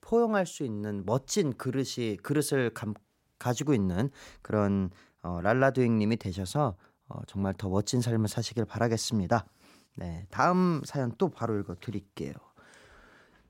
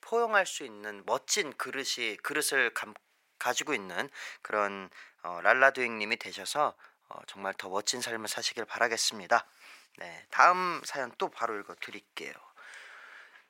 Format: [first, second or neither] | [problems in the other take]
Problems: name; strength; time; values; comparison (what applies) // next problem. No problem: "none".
first | thin; very; fading below 700 Hz